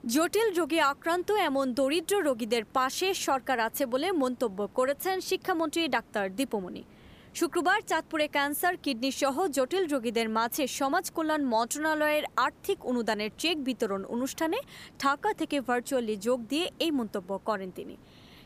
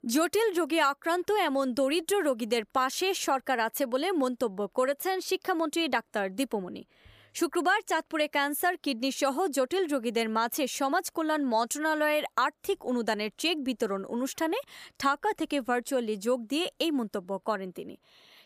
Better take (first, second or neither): second